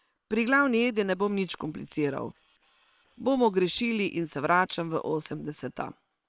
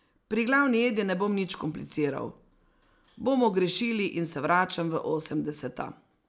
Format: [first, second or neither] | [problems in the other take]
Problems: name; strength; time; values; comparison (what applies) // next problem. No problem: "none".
second | noise reduction (neural separator model SepFormer WHAM!)